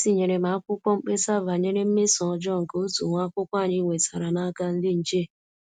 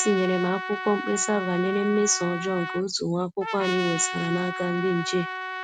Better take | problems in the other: first | background sound (Trumpet); 7 dB below the speech

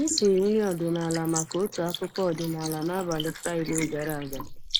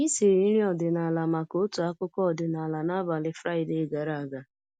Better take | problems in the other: second | noise reduction (neural mask model Resemble Enhance denoiser)

